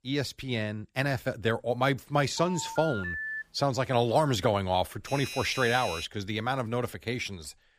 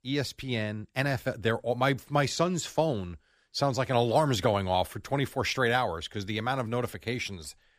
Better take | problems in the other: second | phone ringing; noticeable; from 2.5 to 3.5 s; peak 4 dB below the speech // doorbell; noticeable; from 5 to 6 s; peak 6 dB below the speech

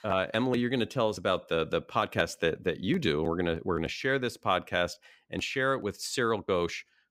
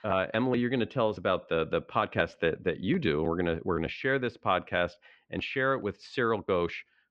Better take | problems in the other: first | muffled; slightly; fading above 3 kHz

